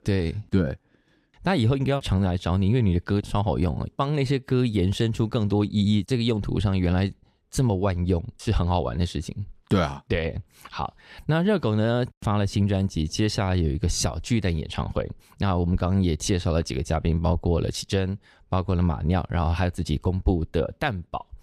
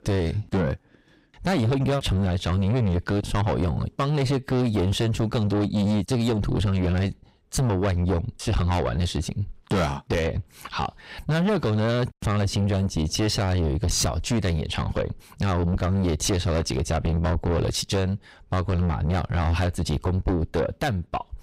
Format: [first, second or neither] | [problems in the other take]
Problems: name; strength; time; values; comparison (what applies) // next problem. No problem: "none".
first | distortion; heavy; 6 dB below the speech